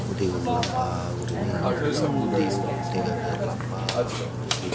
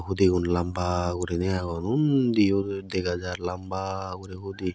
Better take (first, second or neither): second